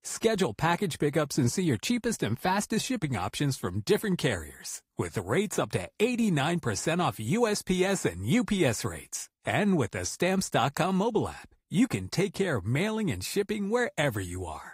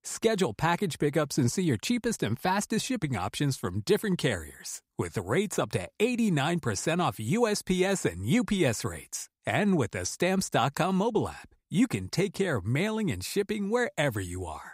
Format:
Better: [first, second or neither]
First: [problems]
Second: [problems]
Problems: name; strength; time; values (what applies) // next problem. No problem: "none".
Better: second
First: garbled, watery; slightly; nothing above 15.5 kHz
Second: none